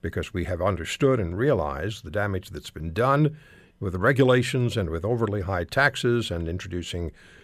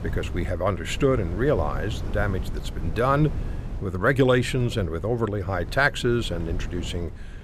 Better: first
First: none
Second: wind noise on the microphone; occasional gusts; 20 dB below the speech

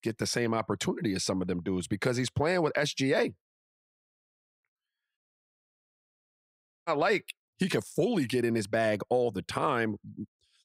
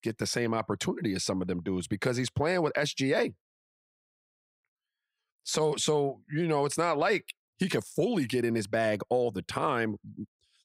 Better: second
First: audio cutting out; at 5 s for 1.5 s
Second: none

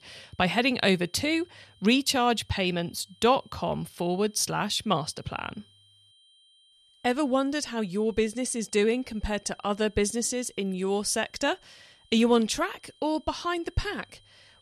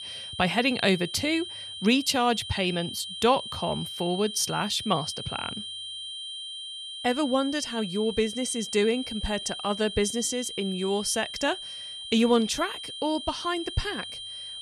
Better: first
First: high-pitched whine; faint; throughout; 3 kHz, 30 dB below the speech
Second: high-pitched whine; loud; throughout; 3 kHz, 8 dB below the speech

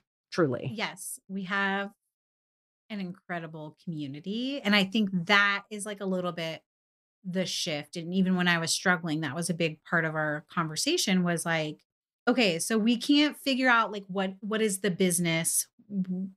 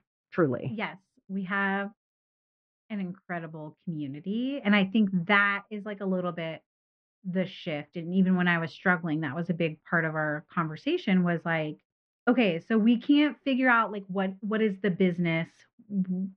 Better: first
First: none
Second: muffled; very; fading above 2.5 kHz

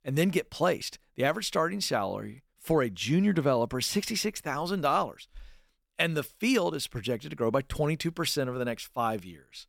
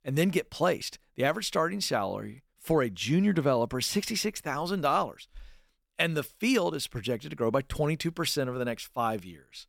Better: neither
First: none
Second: none

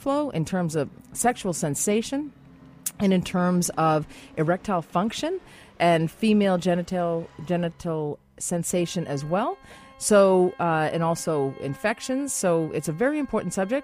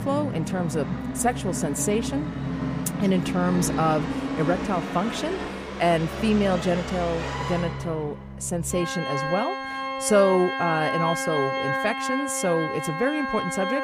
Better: first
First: background music; faint; throughout; 25 dB below the speech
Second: background music; loud; throughout; 4 dB below the speech

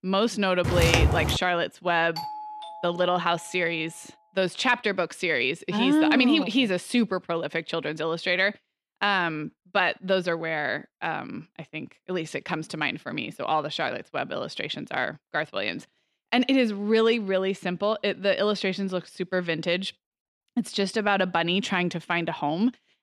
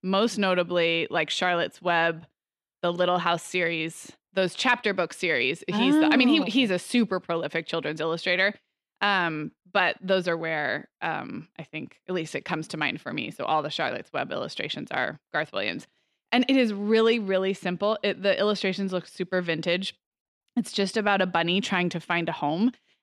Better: second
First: footsteps; loud; at 0.5 s; peak 4 dB above the speech // doorbell; noticeable; from 2 to 3.5 s; peak 9 dB below the speech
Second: none

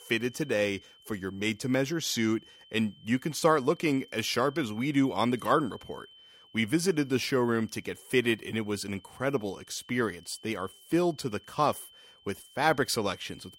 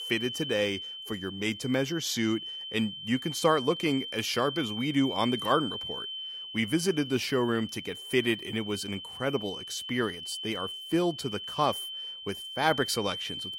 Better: first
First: high-pitched whine; faint; throughout; 3 kHz, 25 dB below the speech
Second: high-pitched whine; loud; throughout; 3 kHz, 7 dB below the speech

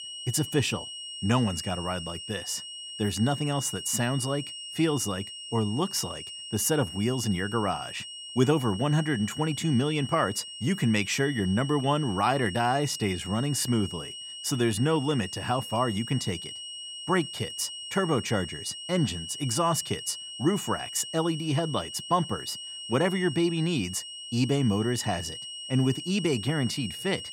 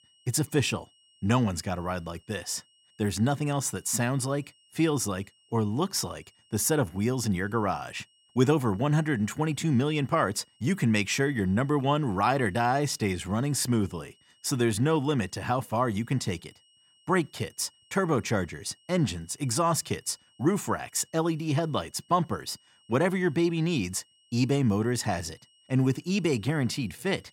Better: second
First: high-pitched whine; loud; throughout; 3 kHz, 9 dB below the speech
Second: high-pitched whine; faint; throughout; 3 kHz, 35 dB below the speech

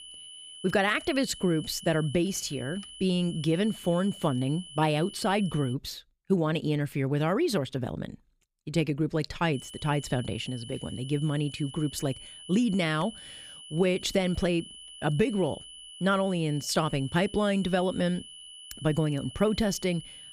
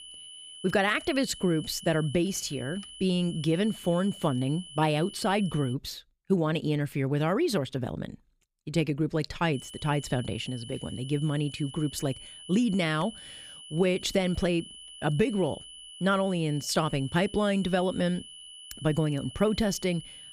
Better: neither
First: high-pitched whine; noticeable; until 5.5 s and from 9.5 s on; 3 kHz, 15 dB below the speech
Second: high-pitched whine; noticeable; until 5.5 s and from 9.5 s on; 3 kHz, 15 dB below the speech

